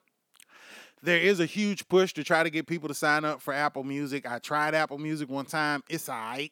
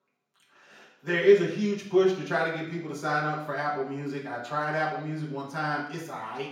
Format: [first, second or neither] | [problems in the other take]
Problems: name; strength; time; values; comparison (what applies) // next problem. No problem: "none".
first | room echo; noticeable; dies away in 0.7 s // off-mic speech; far